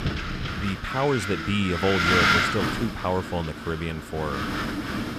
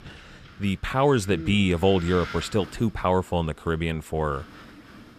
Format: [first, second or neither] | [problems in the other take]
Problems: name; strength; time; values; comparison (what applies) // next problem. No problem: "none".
second | wind noise on the microphone; heavy; 5 dB above the speech; occasional gusts in the second